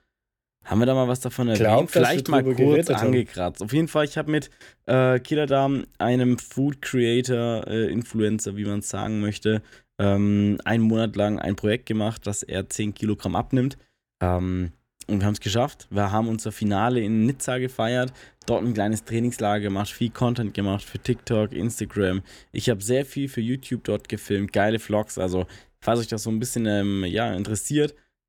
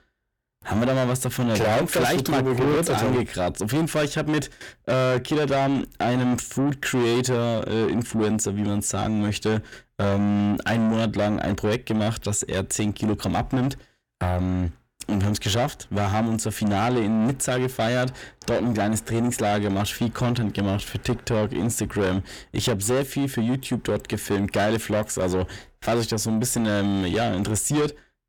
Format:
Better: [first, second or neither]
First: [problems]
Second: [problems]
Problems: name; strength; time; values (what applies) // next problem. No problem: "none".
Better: first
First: none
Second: distortion; heavy; 6 dB below the speech